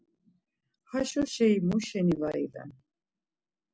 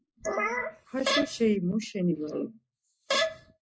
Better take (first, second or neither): first